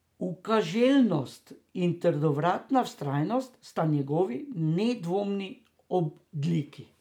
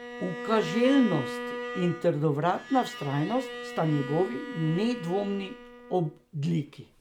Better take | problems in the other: first | background sound (Bowed string instrument); 10 dB below the speech

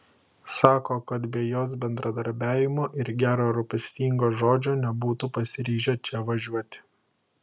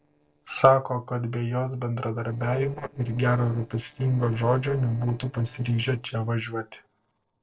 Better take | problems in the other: first | noise reduction (neural separator model SepFormer DNS4)

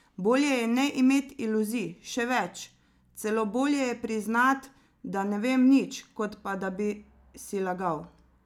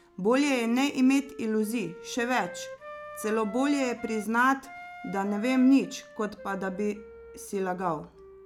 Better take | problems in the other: first | background sound (Wind instrument, woodwind instrument); 17 dB below the speech

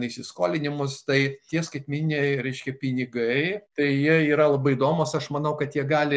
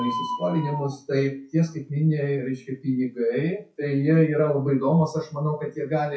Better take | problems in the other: first | noise reduction (classical method WPE with log-MMSE)

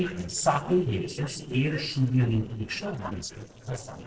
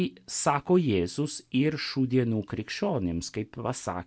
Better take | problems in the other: second | noise reduction (neural separator model SepFormer DNS4)

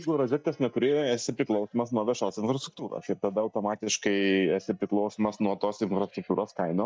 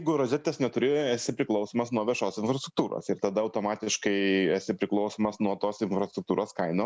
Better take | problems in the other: second | noise reduction (neural mask model DeepFilterNet 3)

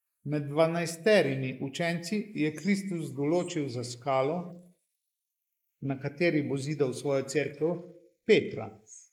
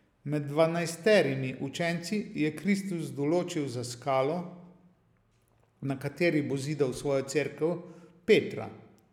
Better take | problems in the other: second | noise reduction (neural mask model Resemble Enhance denoiser)

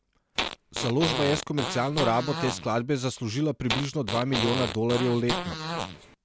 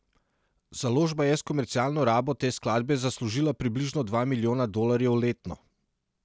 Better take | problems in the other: second | background sound (Fart); 4 dB below the speech

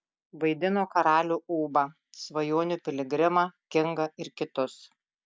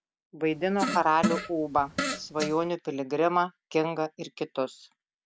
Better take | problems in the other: first | background sound (Fart); 4 dB below the speech

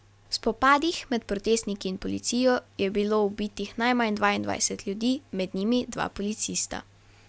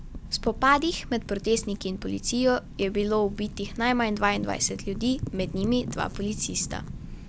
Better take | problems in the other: first | background sound (Wind / Fire); 10 dB below the speech

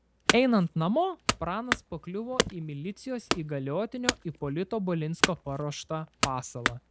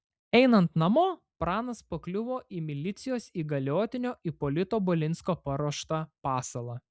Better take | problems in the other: second | background sound (Wood / Domestic sounds, home sounds); 3 dB below the speech

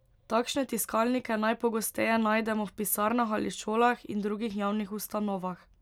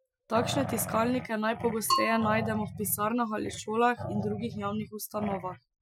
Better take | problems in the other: first | noise reduction (classical method Wiener filter)

